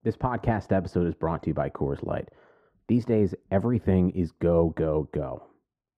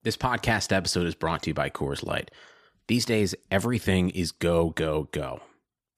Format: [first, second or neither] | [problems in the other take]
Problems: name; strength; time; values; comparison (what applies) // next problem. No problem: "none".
second | muffled; very; fading above 2 kHz